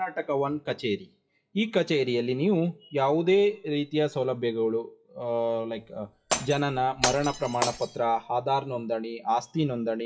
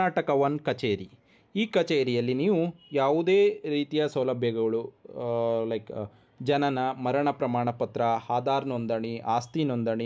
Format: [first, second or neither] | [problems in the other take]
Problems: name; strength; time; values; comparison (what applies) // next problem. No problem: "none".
second | noise reduction (classical method WPE with log-MMSE)